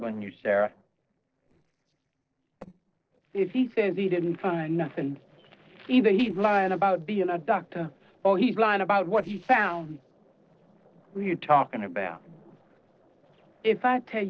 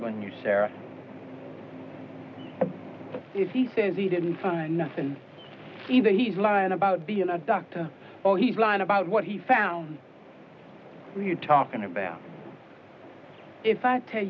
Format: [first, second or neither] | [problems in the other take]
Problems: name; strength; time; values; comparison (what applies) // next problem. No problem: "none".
second | noise reduction (neural separator model SepFormer DNS4)